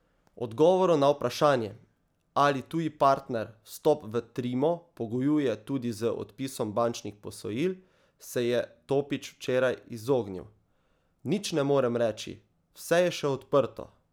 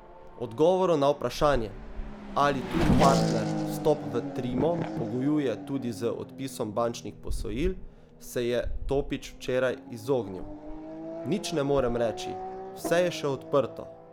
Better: first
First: none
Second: background sound (Race car, auto racing / Accelerating, revving, vroom); 4 dB below the speech

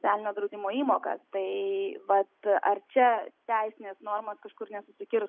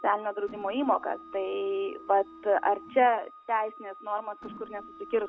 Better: first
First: none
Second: background sound (Organ + Mechanisms); 18 dB below the speech

